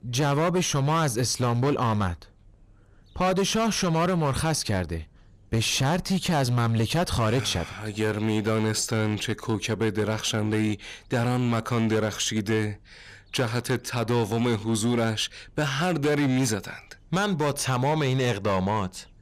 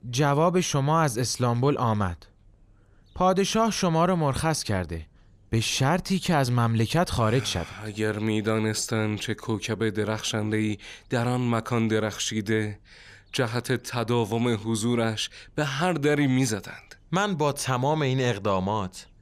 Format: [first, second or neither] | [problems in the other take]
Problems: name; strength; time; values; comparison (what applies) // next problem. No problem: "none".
second | distortion; slight; 11% of the sound clipped